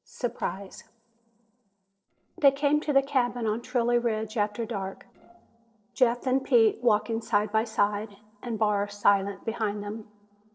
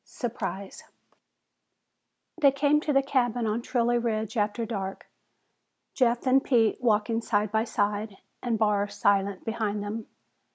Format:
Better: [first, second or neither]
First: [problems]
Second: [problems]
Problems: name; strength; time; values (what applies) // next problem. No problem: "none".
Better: second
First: noise reduction (neural separator model SepFormer DNS4)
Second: none